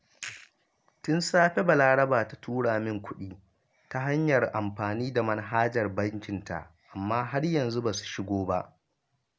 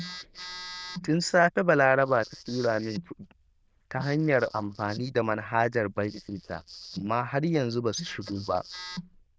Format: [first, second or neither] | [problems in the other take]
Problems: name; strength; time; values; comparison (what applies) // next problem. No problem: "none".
first | noise reduction (neural diffusion model UNIVERSE++)